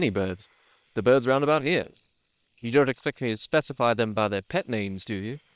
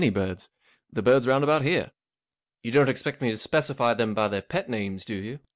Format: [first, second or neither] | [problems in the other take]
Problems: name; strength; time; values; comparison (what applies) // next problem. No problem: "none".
second | noise reduction (neural separator model SepFormer WHAM!)